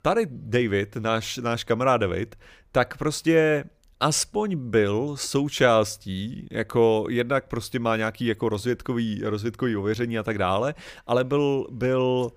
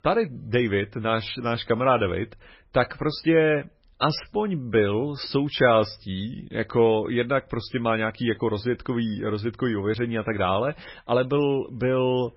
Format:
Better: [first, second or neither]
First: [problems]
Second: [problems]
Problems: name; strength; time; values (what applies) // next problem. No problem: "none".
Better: first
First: none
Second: garbled, watery; badly; nothing above 5.5 kHz